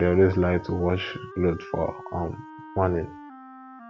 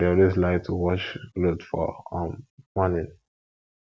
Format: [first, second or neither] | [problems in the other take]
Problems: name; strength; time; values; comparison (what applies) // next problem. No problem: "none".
second | background sound (Wind instrument, woodwind instrument); 17 dB below the speech